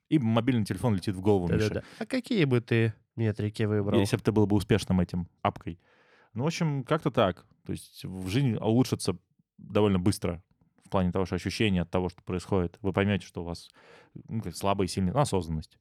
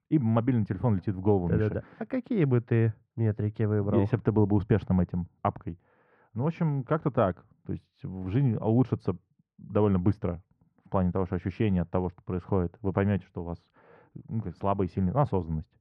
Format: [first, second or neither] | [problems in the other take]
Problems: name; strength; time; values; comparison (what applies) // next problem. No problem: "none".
first | muffled; very; fading above 1.5 kHz